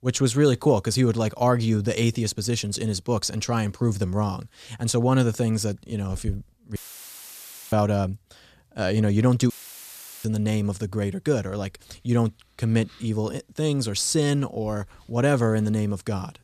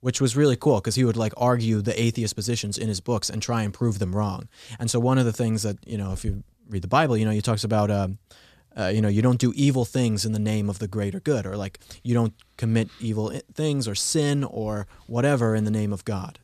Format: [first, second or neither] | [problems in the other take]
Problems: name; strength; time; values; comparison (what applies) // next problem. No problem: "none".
second | audio cutting out; filled with static; at 7 s for 1 s and at 9.5 s for 0.5 s